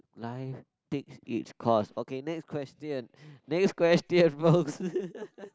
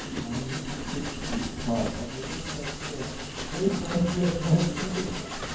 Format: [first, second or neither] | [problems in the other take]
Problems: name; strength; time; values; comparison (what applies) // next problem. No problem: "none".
first | background sound (Train); 4 dB below the speech // room echo; dies away in 0.9 s